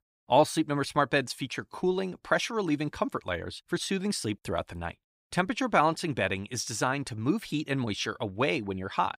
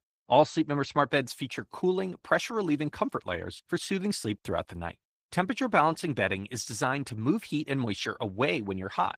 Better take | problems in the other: first | garbled, watery; slightly; nothing above 15.5 kHz

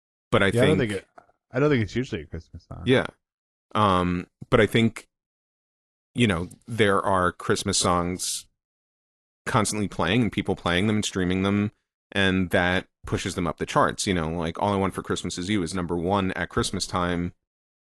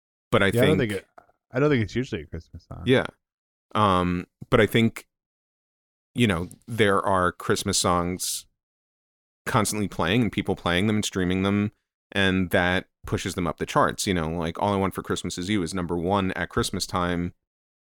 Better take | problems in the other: second | garbled, watery; slightly; nothing above 11 kHz

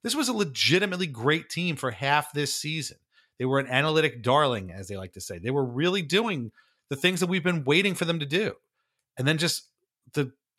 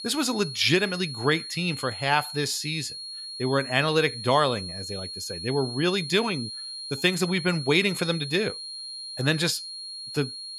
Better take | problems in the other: first | high-pitched whine; loud; throughout; 4.5 kHz, 9 dB below the speech

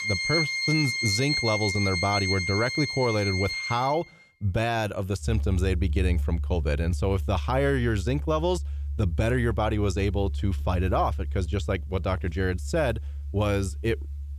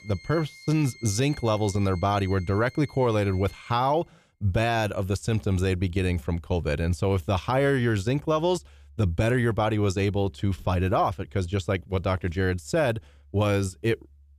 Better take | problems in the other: second | background music; loud; throughout; 3 dB below the speech; faint in the second

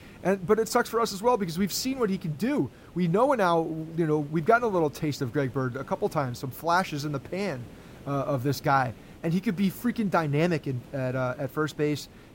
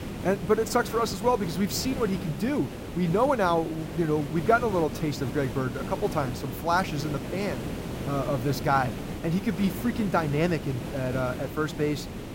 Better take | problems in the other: first | hiss; loud; throughout; 8 dB below the speech; faint in the first

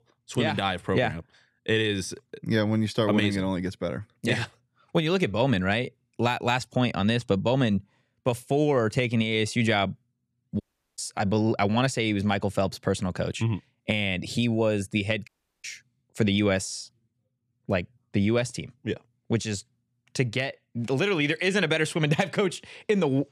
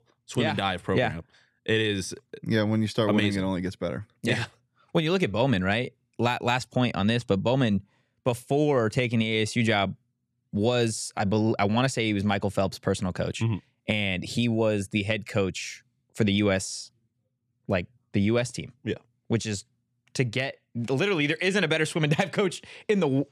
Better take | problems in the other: second | audio cutting out; at 11 s and at 15 s

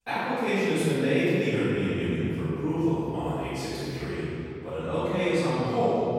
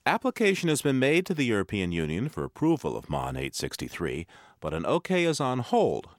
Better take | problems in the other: second | off-mic speech; far // room echo; strong; dies away in 2.5 s

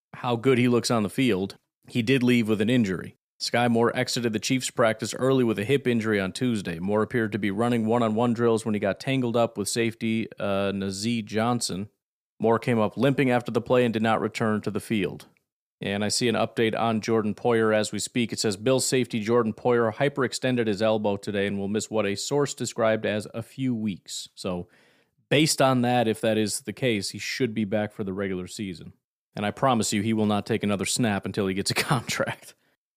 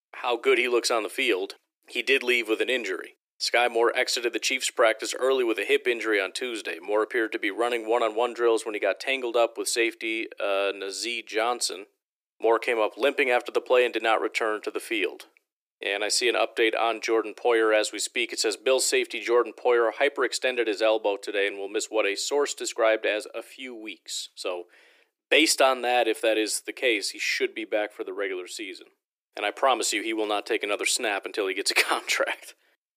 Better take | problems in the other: first | thin; very; fading below 300 Hz

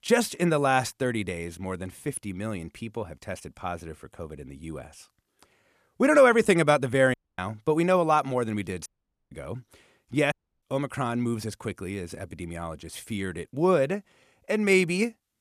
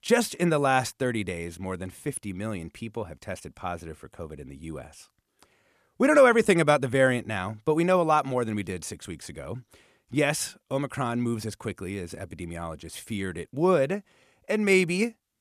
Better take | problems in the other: second | audio cutting out; at 7 s, at 9 s and at 10 s

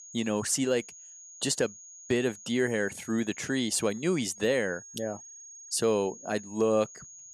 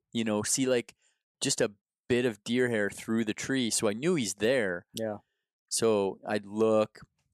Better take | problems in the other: second | high-pitched whine; noticeable; throughout; 6.5 kHz, 15 dB below the speech

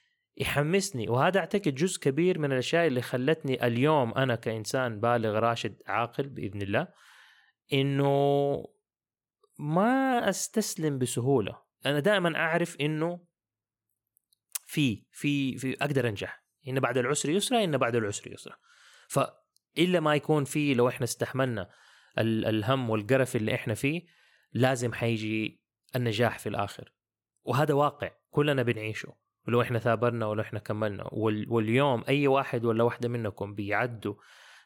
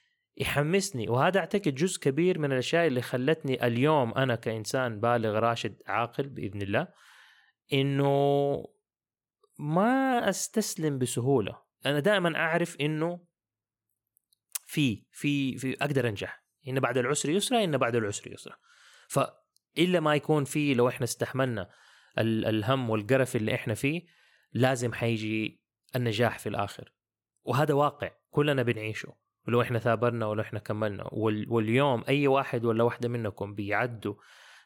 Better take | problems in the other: neither | none

